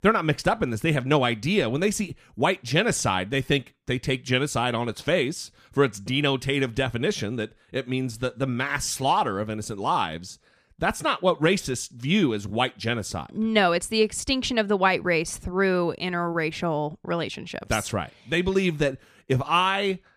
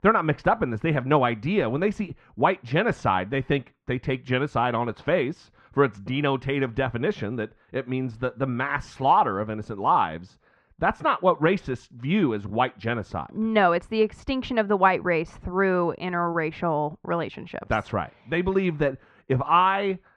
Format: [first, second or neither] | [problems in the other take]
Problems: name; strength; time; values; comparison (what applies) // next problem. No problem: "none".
first | muffled; very; fading above 2 kHz